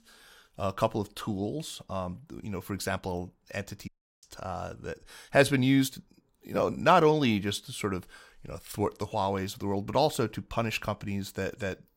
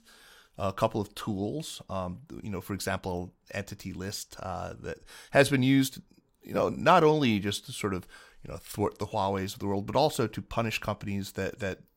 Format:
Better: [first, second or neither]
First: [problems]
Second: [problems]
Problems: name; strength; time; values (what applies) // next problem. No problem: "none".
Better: second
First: audio cutting out; at 4 s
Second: none